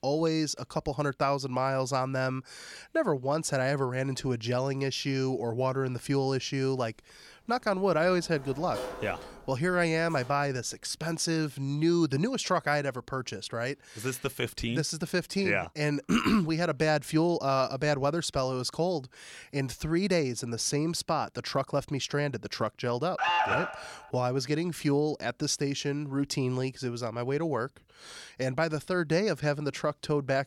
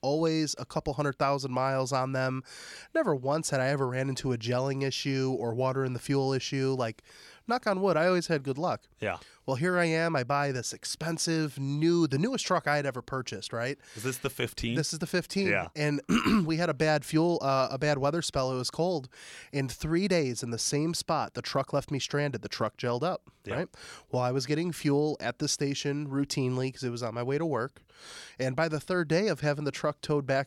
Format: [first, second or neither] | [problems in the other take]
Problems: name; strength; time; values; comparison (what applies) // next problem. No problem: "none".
second | door banging; noticeable; from 8 to 10 s; peak 8 dB below the speech // alarm; loud; at 23 s; peak 4 dB above the speech